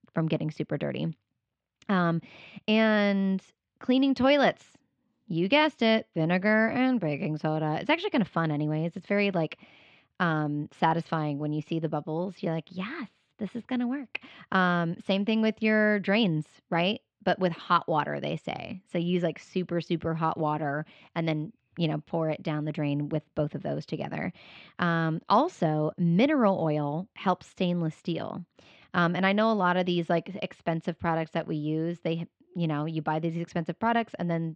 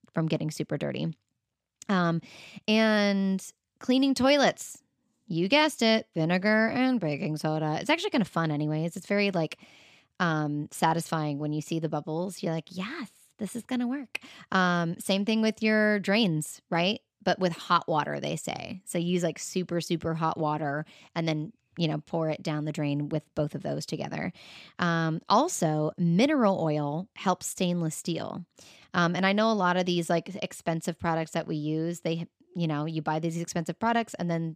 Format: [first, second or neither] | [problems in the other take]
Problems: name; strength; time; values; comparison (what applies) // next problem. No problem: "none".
second | muffled; slightly; fading above 3.5 kHz